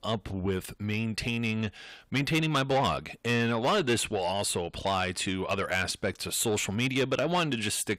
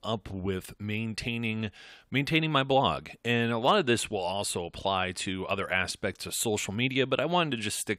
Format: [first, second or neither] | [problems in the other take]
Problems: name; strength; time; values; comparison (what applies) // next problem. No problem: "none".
second | distortion; slight; 10 dB below the speech